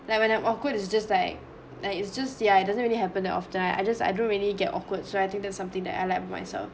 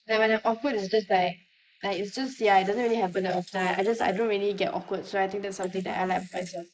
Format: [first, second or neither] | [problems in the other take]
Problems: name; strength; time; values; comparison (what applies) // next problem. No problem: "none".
first | noise reduction (neural mask model Resemble Enhance denoiser)